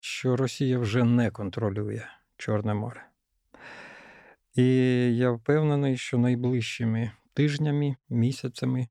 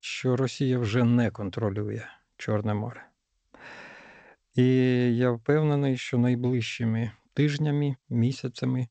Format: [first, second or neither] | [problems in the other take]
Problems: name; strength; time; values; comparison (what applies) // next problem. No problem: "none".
first | garbled, watery; slightly; nothing above 8 kHz